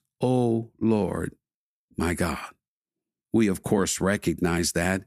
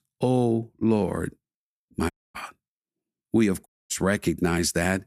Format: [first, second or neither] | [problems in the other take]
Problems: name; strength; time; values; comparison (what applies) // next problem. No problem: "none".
first | audio cutting out; at 2 s and at 3.5 s